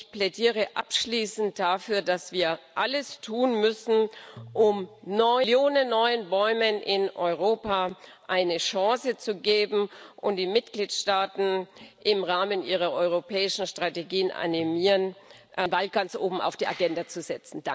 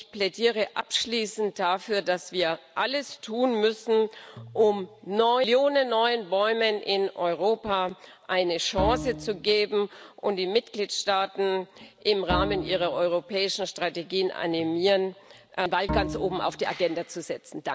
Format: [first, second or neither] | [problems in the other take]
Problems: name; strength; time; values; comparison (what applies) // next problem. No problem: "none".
first | background sound (Bowed string instrument); 8 dB below the speech